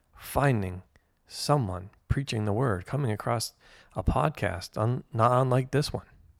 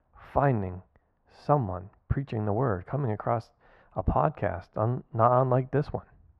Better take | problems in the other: first | muffled; very; fading above 4 kHz

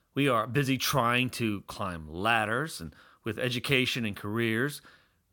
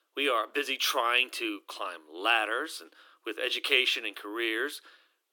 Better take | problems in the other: first | thin; very; fading below 300 Hz

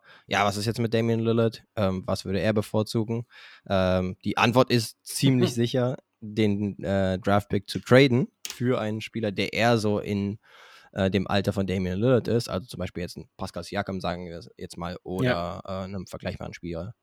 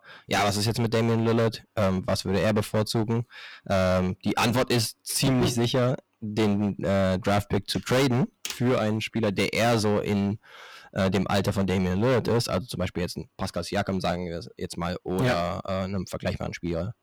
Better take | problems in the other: first | distortion; heavy; 14% of the sound clipped

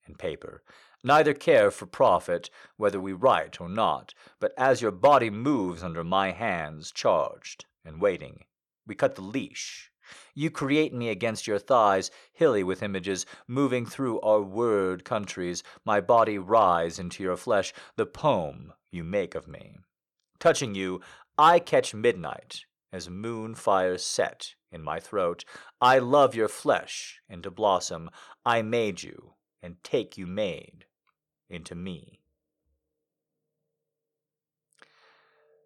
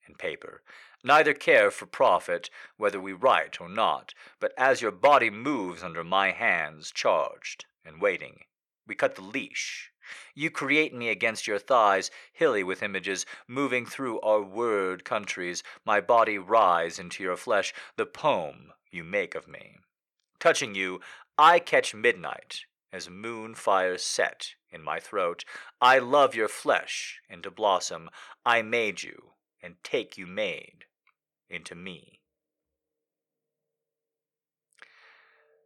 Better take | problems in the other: first | thin; very slightly; fading below 750 Hz

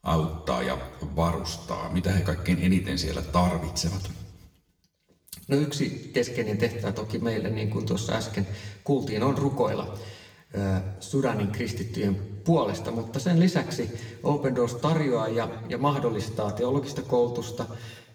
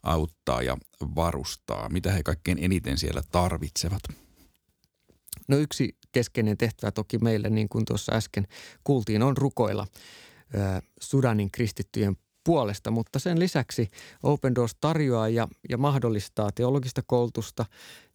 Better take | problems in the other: second | room echo; slight; dies away in 1 s // off-mic speech; somewhat distant

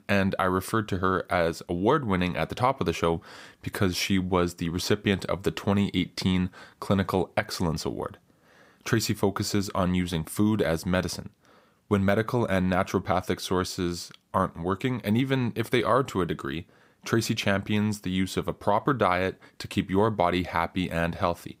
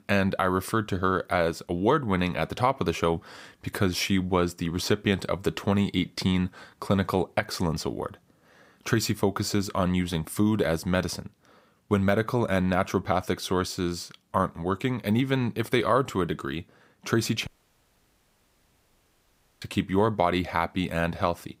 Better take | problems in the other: first | audio cutting out; at 17 s for 2 s

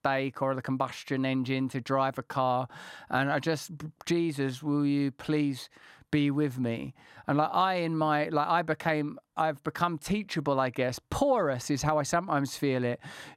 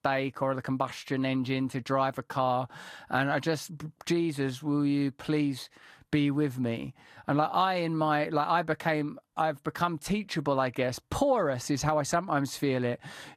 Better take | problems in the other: first | garbled, watery; slightly; nothing above 16 kHz

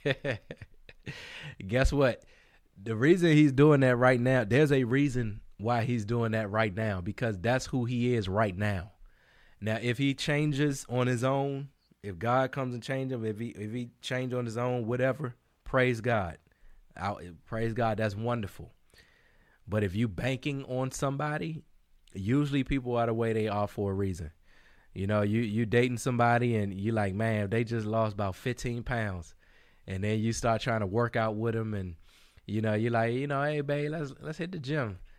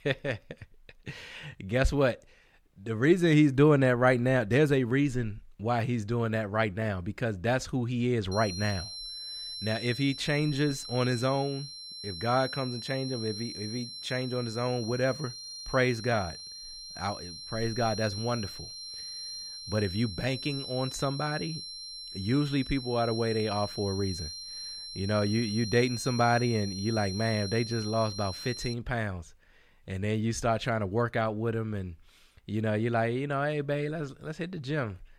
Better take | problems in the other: first | high-pitched whine; loud; from 8.5 to 29 s; 4 kHz, 9 dB below the speech

